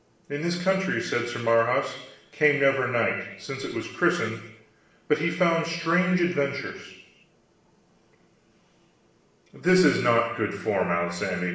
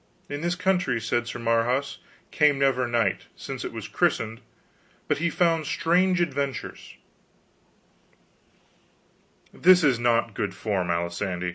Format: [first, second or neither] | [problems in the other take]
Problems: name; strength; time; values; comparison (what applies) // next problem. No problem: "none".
second | room echo; dies away in 0.9 s